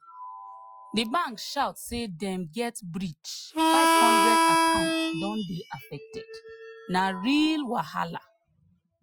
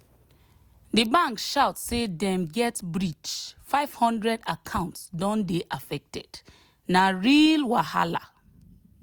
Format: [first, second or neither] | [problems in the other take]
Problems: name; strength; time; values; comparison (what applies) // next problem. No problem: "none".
second | noise reduction (classical method Wiener filter)